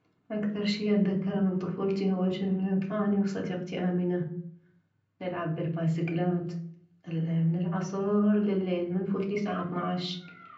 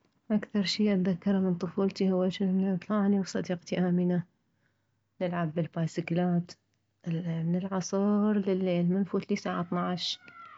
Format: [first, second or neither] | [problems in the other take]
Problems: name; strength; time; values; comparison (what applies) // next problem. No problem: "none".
second | room echo; dies away in 0.6 s